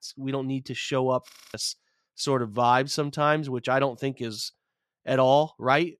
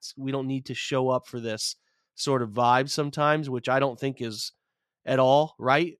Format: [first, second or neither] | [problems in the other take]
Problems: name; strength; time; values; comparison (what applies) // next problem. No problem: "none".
second | audio freezing; at 1.5 s